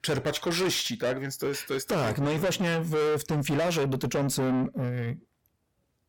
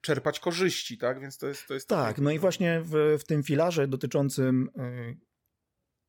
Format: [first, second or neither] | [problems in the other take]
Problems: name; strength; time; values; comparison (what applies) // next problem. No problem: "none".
second | distortion; heavy; 6 dB below the speech